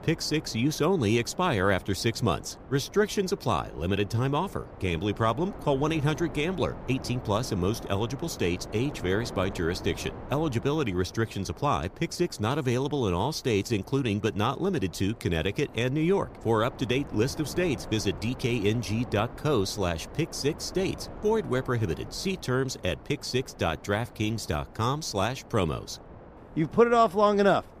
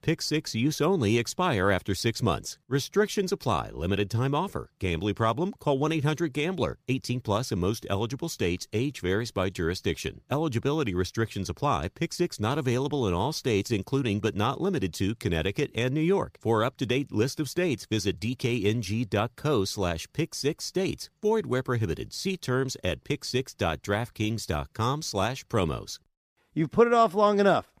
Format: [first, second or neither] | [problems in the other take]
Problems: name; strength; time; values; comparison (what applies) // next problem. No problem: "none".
second | wind noise on the microphone; occasional gusts; 15 dB below the speech